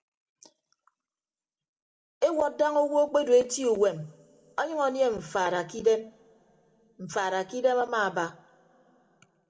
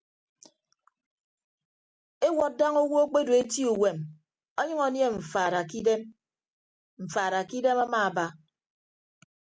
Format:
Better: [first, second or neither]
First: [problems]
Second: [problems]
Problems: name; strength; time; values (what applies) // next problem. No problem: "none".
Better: second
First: room echo; dies away in 1.5 s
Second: none